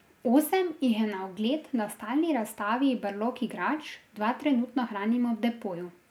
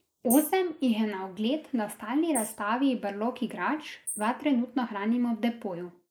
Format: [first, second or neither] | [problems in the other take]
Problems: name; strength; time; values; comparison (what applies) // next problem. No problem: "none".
first | noise reduction (neural mask model Resemble Enhance denoiser)